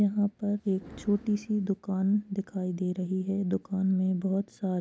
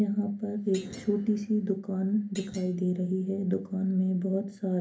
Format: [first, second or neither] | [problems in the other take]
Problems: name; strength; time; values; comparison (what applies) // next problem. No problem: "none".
first | background sound (Thump, thud); 20 dB below the speech // room echo; dies away in 0.3 s